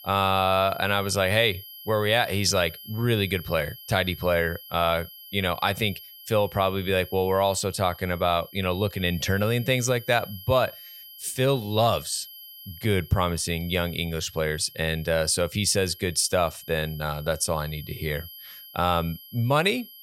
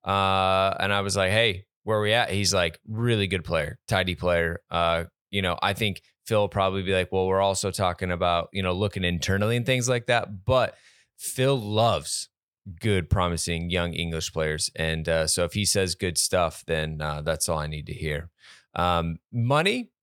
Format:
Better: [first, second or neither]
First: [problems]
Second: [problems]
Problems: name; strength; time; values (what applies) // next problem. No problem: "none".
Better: second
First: high-pitched whine; noticeable; throughout; 3 kHz, 15 dB below the speech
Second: none